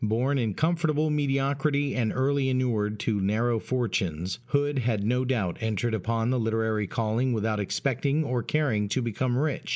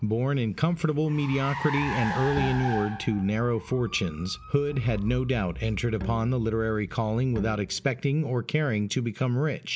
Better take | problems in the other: first | background sound (Car + Bowed string instrument); 11 dB below the speech

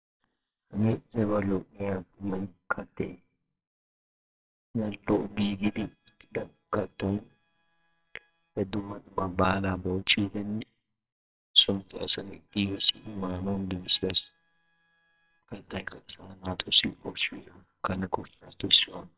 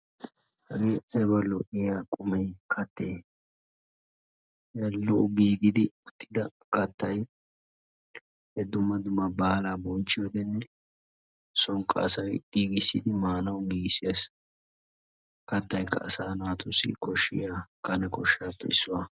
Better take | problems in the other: second | noise reduction (neural separator model SepFormer WHAMR!)

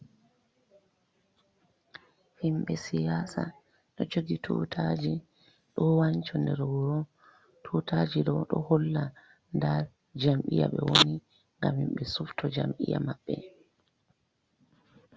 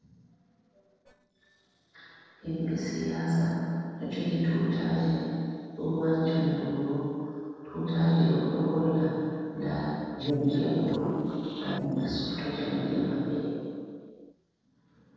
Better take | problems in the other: first | noise reduction (neural separator model SepFormer DNS4)

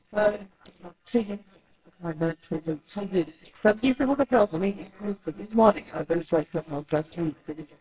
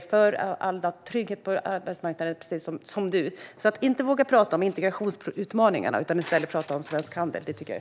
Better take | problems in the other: second | noise reduction (neural separator model SepFormer WHAMR!)

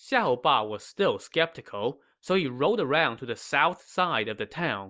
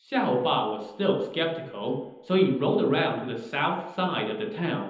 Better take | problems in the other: first | room echo; dies away in 0.9 s

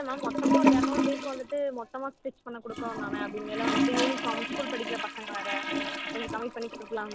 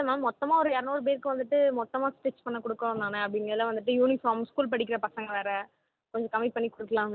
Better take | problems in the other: second | background sound (Toilet flush / Gurgling); 5 dB above the speech

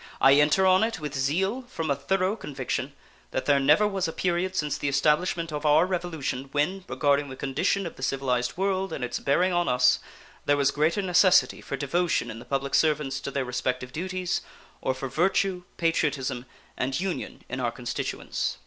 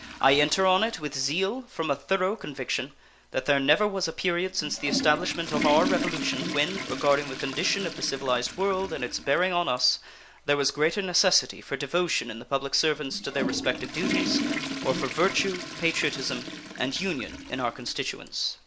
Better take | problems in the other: first | background sound (Toilet flush / Water); 8 dB below the speech

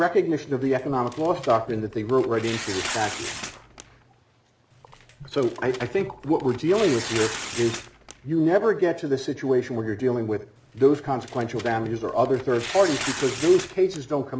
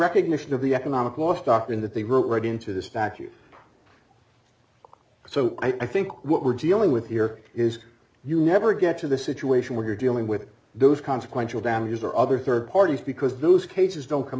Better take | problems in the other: second | background sound (Tearing); 12 dB below the speech

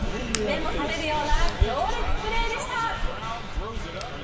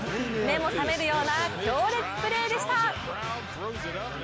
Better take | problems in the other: second | background sound (Hands); 1 dB above the speech // room echo; dies away in 1.9 s

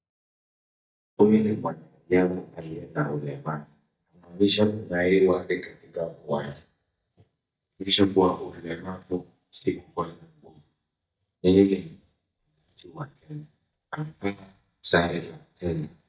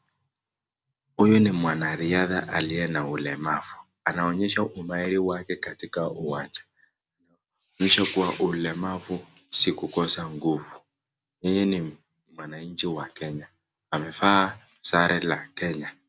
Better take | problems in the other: second | noise reduction (neural mask model DeepFilterNet 3)

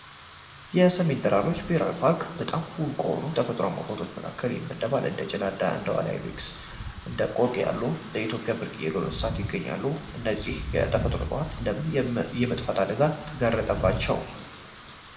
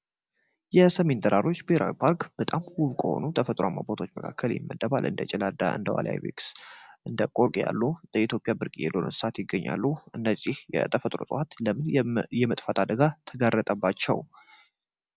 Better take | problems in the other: second | background sound (Wind / Rain); 11 dB below the speech // room echo; dies away in 1.7 s

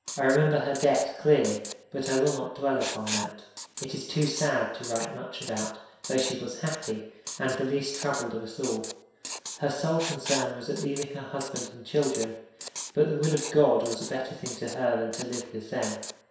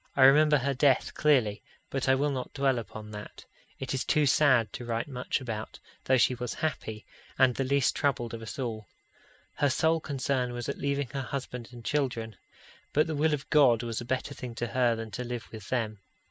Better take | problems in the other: second | background sound (Writing); 11 dB below the speech // room echo; dies away in 0.7 s

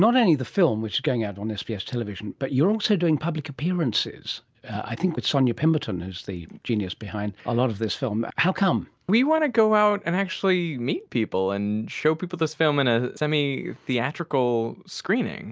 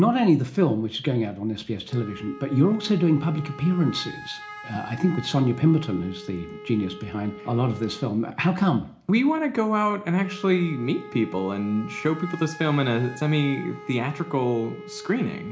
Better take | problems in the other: first | background sound (Wind instrument, woodwind instrument); 17 dB below the speech // room echo; dies away in 0.4 s

